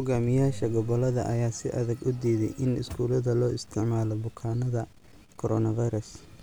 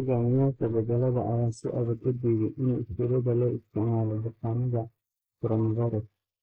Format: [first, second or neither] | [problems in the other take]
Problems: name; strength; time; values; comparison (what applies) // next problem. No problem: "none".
first | noise reduction (neural mask model Resemble Enhance denoiser)